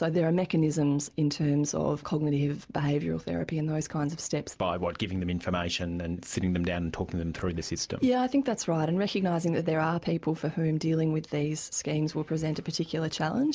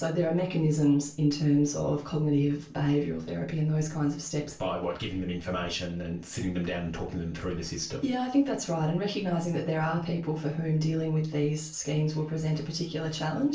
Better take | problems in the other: first | room echo; dies away in 0.3 s

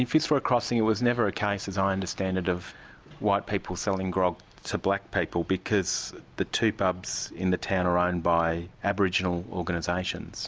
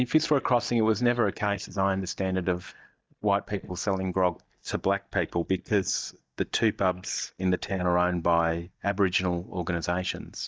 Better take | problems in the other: first | noise reduction (neural mask model DeepFilterNet 3)

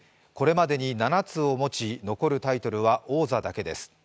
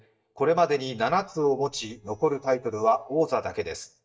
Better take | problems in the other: first | noise reduction (neural mask model DeepFilterNet 3)

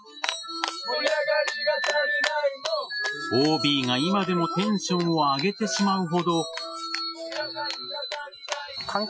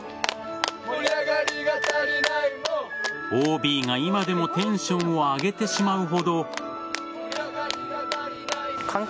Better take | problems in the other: second | noise reduction (classical method Wiener filter)

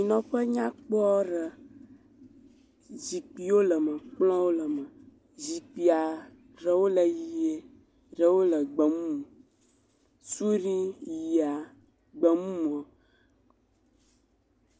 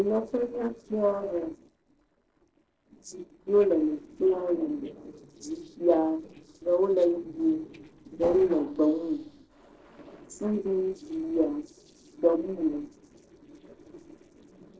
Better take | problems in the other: first | noise reduction (neural separator model SepFormer DNS4)

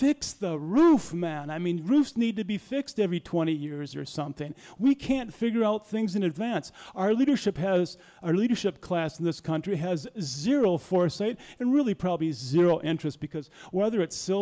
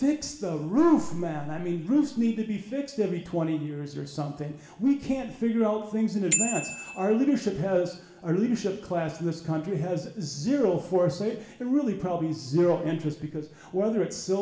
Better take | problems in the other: first | background sound (Bicycle bell); 7 dB below the speech // room echo; dies away in 1 s

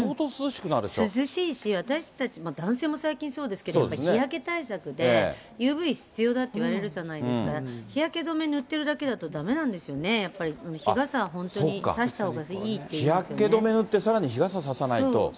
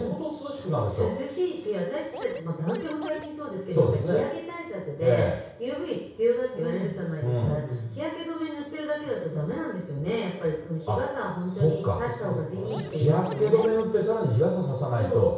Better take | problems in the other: first | background sound (Scratching (performance technique)); 12 dB below the speech // room echo; dies away in 0.6 s

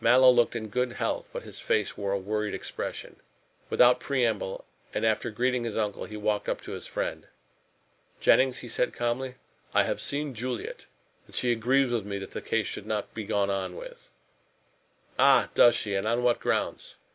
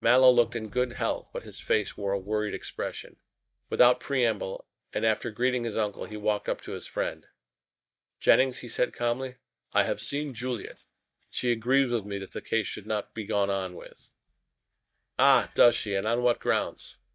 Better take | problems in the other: first | noise reduction (neural mask model DeepFilterNet 3)

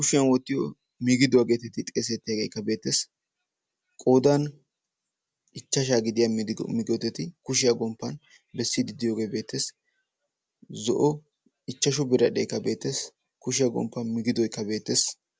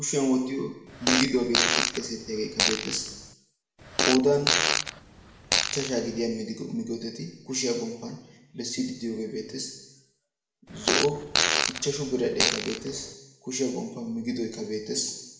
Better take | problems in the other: first | background sound (Fart); 2 dB above the speech // room echo; dies away in 0.9 s

